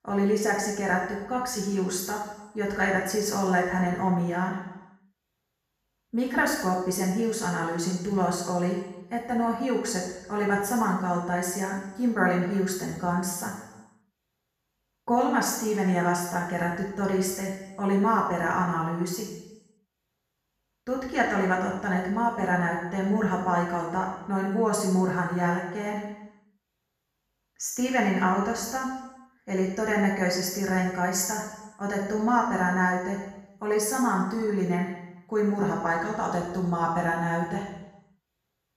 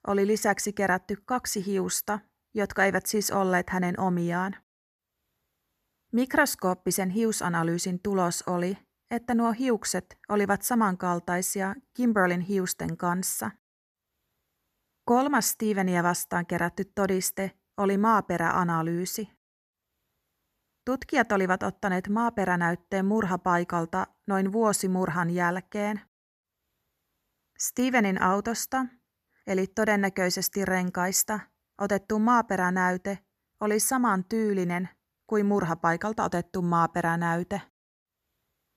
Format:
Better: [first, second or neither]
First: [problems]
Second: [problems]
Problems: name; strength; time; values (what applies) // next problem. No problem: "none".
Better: second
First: room echo; noticeable; dies away in 0.9 s // off-mic speech; far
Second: none